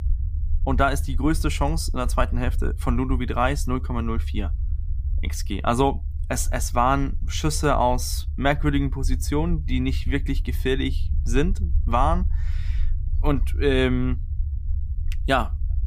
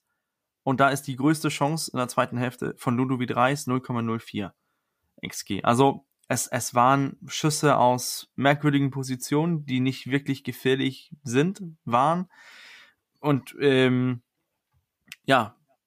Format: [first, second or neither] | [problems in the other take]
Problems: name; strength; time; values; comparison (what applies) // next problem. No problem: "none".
second | low rumble; faint; throughout; 20 dB below the speech